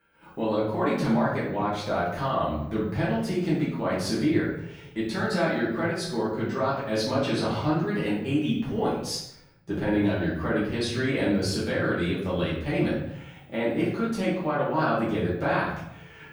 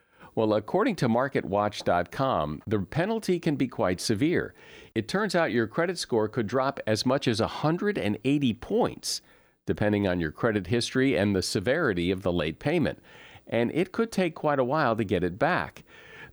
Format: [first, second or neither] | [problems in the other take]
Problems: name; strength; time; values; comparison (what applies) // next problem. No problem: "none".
second | off-mic speech; far // room echo; noticeable; dies away in 0.8 s